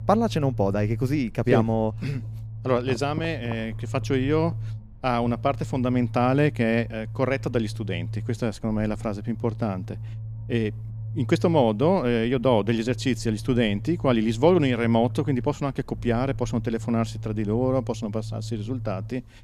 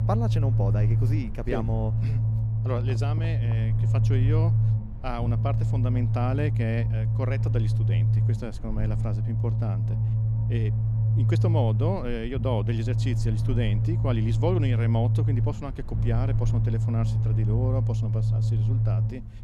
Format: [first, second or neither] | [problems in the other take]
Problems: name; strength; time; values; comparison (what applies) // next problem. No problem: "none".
first | low rumble; loud; throughout; 3 dB below the speech; faint in the first